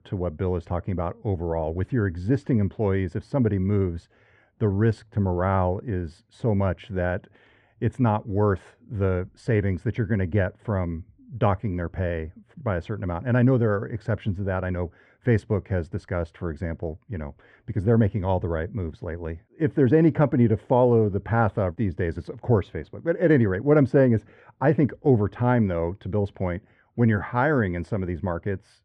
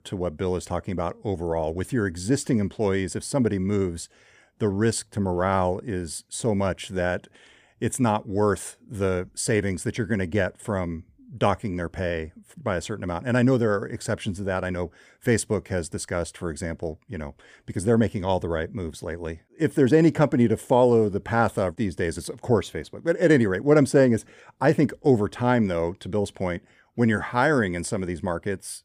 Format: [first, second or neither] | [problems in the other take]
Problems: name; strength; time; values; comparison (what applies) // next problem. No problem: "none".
second | muffled; very; fading above 2 kHz